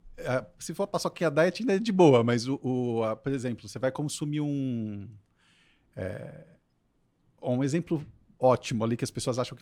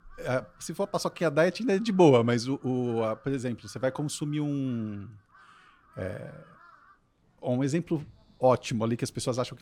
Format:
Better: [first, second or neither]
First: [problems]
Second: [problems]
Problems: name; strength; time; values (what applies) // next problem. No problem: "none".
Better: first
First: none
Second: animal sounds; faint; throughout; 30 dB below the speech